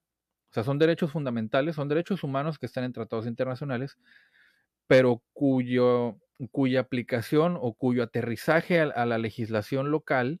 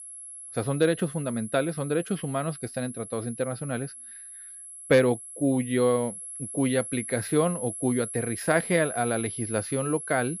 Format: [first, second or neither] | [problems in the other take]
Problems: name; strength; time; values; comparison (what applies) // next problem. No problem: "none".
first | high-pitched whine; loud; throughout; 11 kHz, 9 dB below the speech